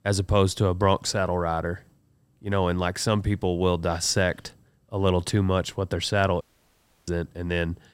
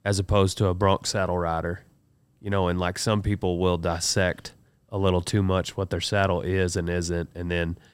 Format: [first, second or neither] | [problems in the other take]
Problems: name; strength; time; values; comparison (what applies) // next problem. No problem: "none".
second | audio cutting out; at 6.5 s for 0.5 s